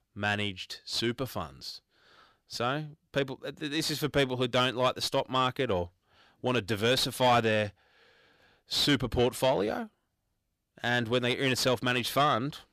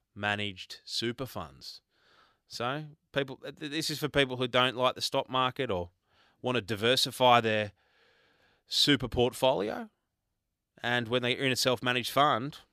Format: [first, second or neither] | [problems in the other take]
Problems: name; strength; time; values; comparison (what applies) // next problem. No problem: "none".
second | distortion; slight; 10 dB below the speech